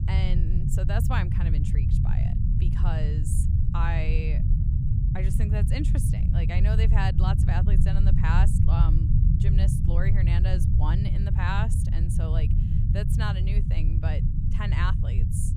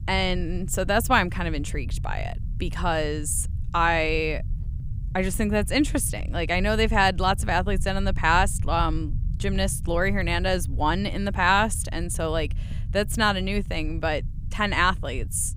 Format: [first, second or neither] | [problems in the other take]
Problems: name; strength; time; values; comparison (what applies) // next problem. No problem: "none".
second | low rumble; loud; throughout; 3 dB below the speech; faint in the second